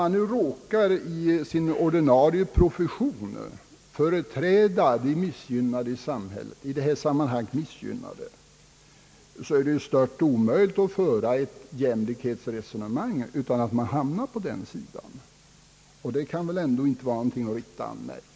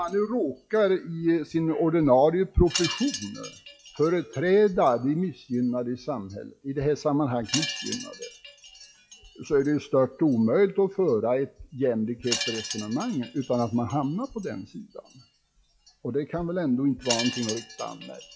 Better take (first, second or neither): first